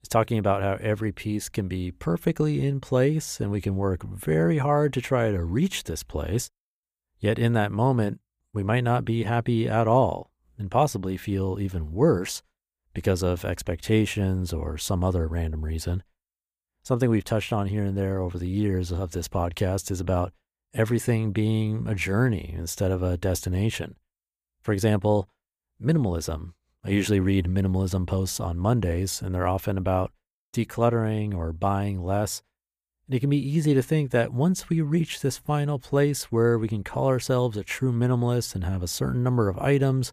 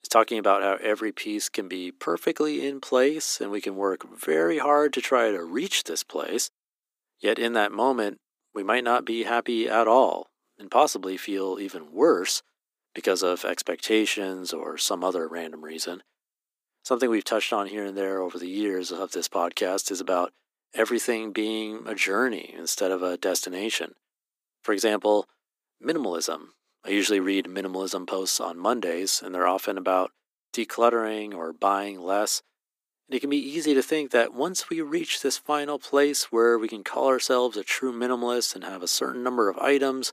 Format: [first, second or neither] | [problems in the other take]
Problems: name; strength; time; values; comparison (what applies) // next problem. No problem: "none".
first | thin; somewhat; fading below 250 Hz